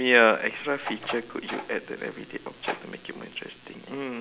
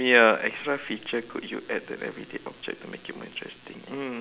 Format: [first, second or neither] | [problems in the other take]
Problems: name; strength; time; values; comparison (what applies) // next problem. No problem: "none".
second | background sound (Door); 13 dB below the speech